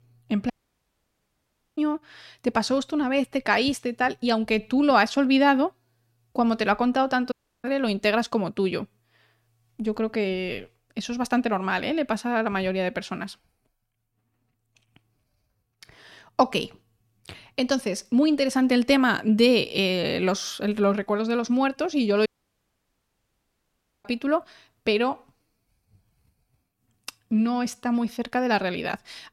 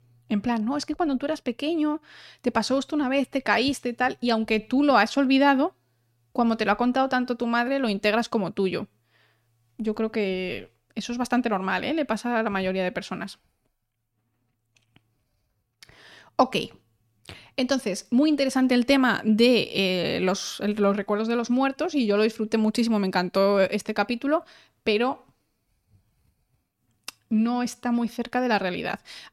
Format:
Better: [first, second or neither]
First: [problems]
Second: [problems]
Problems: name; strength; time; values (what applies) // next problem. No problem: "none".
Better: second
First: audio cutting out; at 0.5 s for 1.5 s, at 7.5 s and at 22 s for 2 s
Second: none